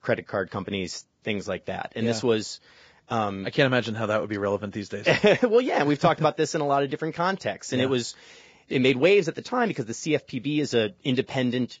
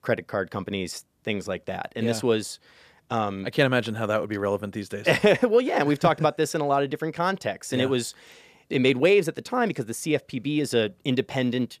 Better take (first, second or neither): second